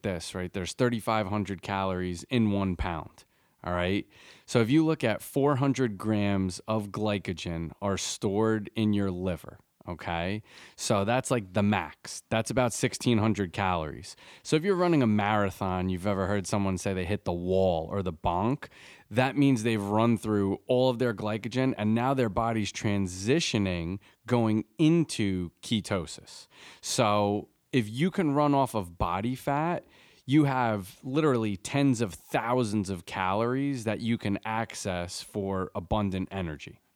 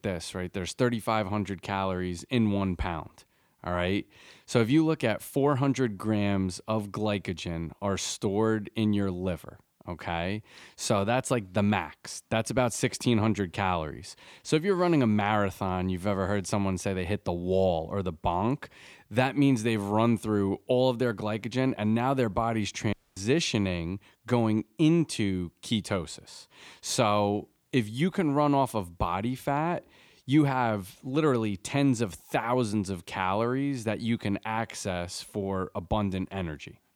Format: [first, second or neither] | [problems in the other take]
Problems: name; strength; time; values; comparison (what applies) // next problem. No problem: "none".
first | audio cutting out; at 23 s